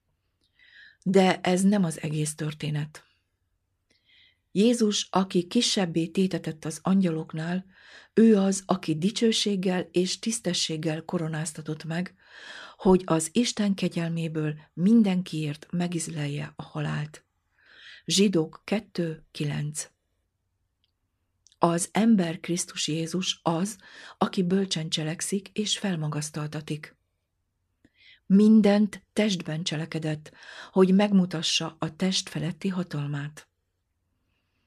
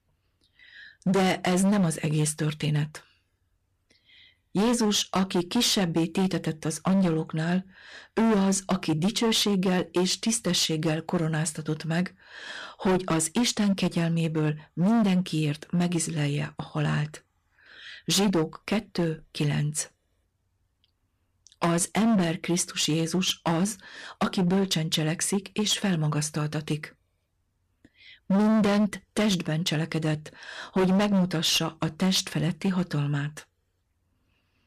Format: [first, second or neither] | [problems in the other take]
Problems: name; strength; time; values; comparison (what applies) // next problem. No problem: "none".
first | distortion; heavy; 11% of the sound clipped